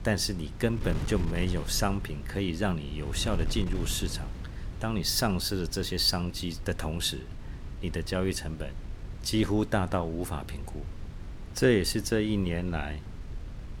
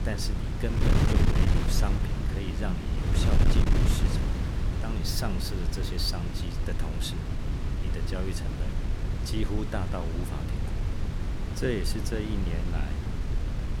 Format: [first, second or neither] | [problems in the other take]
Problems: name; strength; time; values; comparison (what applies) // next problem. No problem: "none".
first | wind noise on the microphone; heavy; 1 dB below the speech; occasional gusts in the first